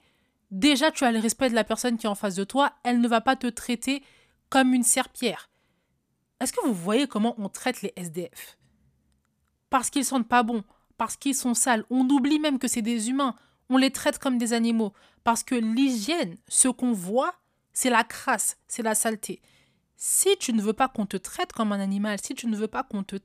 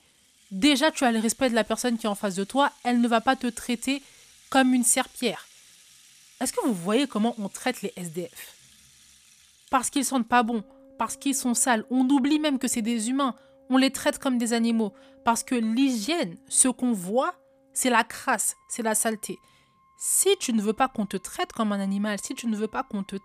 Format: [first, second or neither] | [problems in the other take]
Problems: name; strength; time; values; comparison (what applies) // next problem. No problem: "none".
first | background music; faint; throughout; 30 dB below the speech